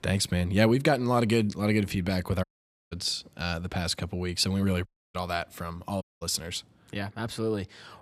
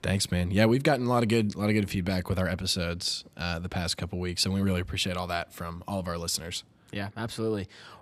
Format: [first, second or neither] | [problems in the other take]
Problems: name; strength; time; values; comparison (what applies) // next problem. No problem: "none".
second | audio cutting out; at 2.5 s, at 5 s and at 6 s